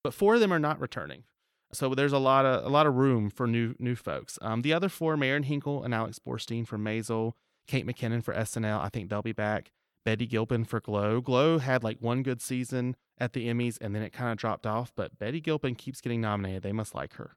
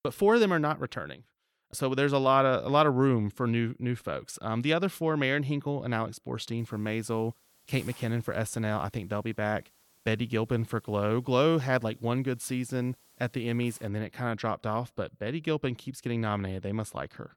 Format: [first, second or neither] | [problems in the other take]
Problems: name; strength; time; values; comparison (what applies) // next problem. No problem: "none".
first | hiss; faint; from 6.5 to 14 s; 30 dB below the speech